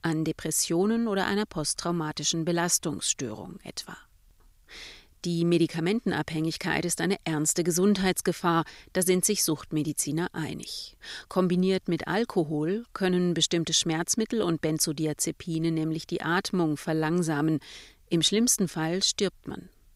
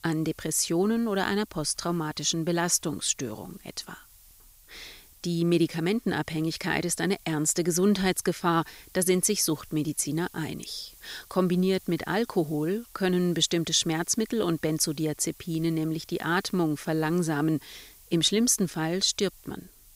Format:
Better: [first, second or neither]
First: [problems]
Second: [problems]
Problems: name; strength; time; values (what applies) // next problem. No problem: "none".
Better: first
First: none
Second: hiss; faint; throughout; 25 dB below the speech